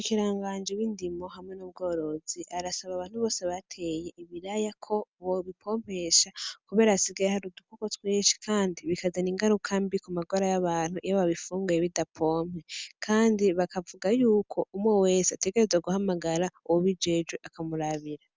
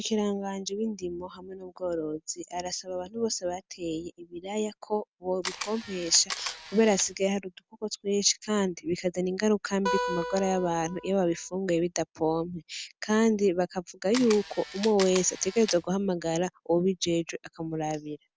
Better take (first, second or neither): first